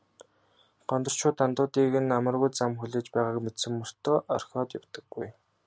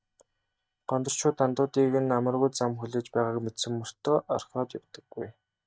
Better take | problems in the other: first | noise reduction (neural mask model DeepFilterNet 3)

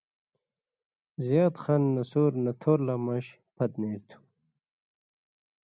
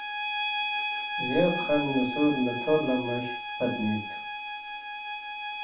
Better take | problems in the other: first | background sound (Bowed string instrument); 3 dB below the speech // room echo; dies away in 0.4 s

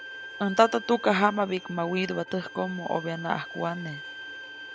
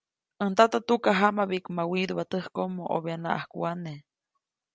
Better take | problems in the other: second | background sound (Bowed string instrument); 13 dB below the speech

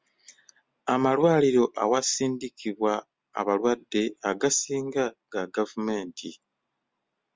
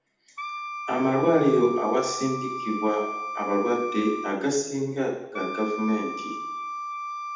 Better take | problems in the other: first | background sound (Wind instrument, woodwind instrument); 8 dB below the speech // room echo; dies away in 0.8 s

